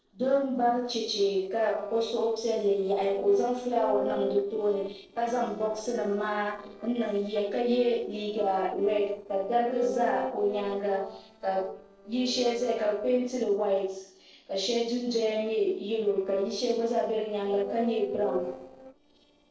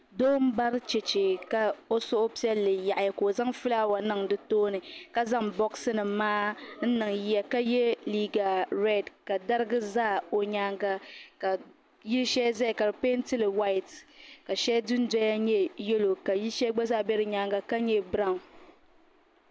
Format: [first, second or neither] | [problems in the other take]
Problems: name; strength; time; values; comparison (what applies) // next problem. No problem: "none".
second | noise reduction (neural separator model SepFormer DNS4)